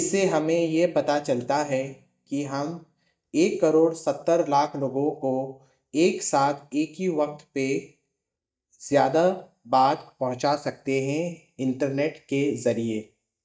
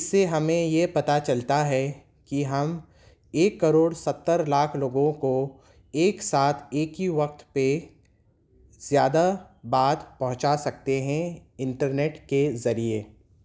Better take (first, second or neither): second